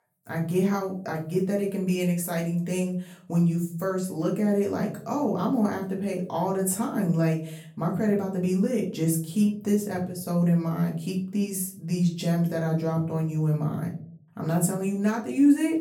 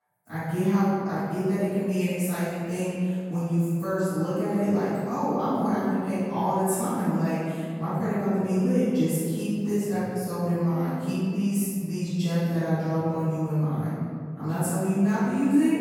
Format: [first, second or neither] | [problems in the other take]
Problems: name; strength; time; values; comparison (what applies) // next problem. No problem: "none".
first | room echo; strong; dies away in 2.2 s; slight in the first // off-mic speech; far; far in the first